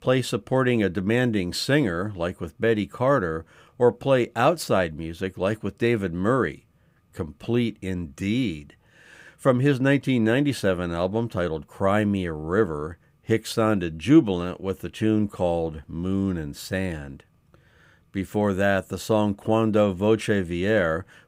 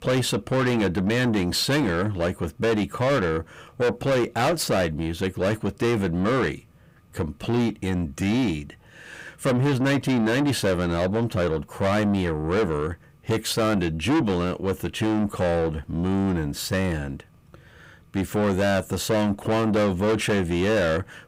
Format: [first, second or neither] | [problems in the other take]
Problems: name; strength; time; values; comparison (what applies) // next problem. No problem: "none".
first | distortion; heavy; 6 dB below the speech